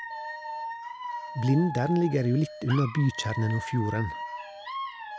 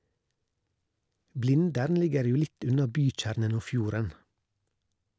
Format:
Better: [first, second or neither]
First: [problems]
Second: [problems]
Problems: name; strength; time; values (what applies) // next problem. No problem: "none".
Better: second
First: background sound (Alarm / Dog); 9 dB below the speech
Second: none